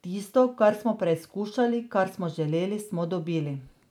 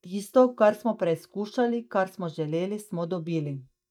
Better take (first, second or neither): first